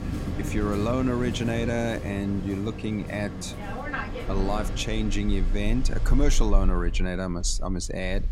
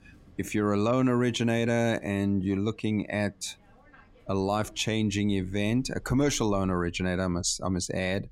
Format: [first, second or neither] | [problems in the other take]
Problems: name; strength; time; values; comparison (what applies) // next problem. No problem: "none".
second | rain or running water; loud; throughout; 3 dB below the speech; faint in the second